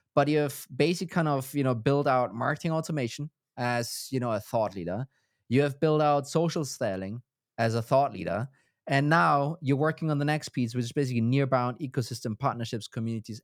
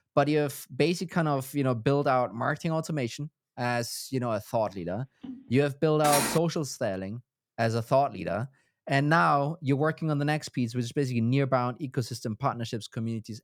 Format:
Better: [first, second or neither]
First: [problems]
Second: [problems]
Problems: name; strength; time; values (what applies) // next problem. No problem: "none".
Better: first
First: none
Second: phone ringing; faint; at 5 s; peak 15 dB below the speech // clattering dishes; loud; at 6 s; peak 1 dB above the speech